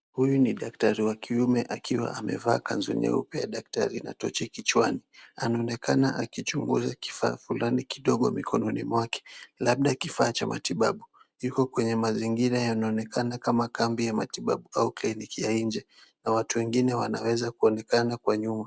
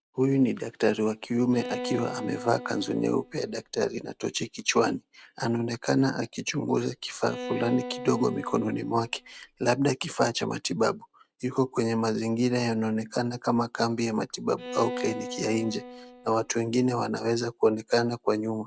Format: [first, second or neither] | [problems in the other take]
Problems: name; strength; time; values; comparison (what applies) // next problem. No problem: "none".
first | background sound (Bowed string instrument); 11 dB below the speech